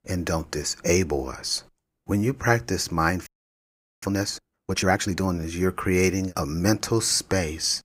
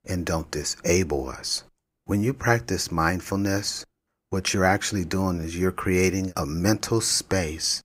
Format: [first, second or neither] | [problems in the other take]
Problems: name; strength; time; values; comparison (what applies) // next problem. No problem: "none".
second | audio freezing; at 3.5 s for 0.5 s